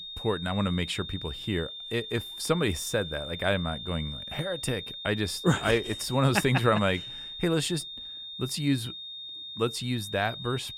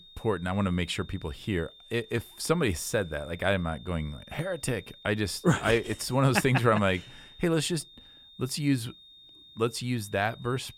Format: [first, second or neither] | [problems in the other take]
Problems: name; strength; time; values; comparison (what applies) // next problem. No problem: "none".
second | high-pitched whine; loud; throughout; 3.5 kHz, 8 dB below the speech; faint in the second